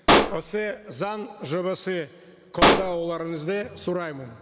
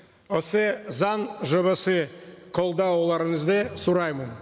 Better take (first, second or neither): second